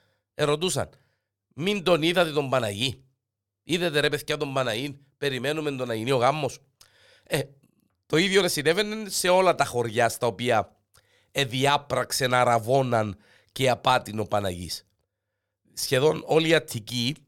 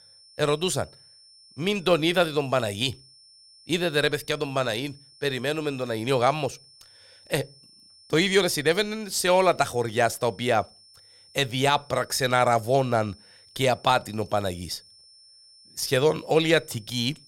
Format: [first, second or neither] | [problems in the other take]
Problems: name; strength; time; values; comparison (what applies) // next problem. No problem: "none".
first | high-pitched whine; faint; throughout; 5.5 kHz, 25 dB below the speech